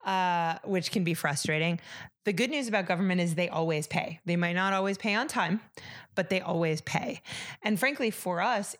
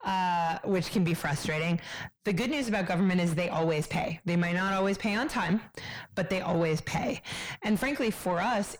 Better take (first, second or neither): first